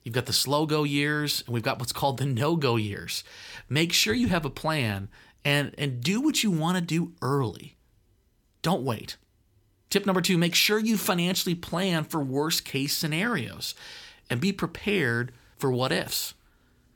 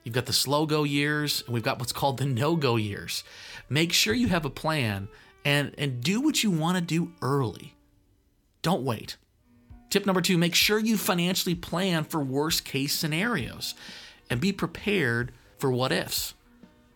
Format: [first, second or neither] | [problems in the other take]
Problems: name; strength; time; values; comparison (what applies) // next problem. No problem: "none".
first | background music; faint; throughout; 30 dB below the speech